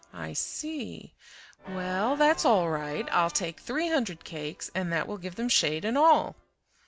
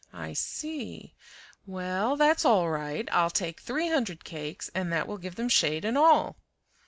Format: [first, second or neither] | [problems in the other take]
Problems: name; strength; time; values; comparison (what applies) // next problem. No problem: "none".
second | background sound (Organ); 19 dB below the speech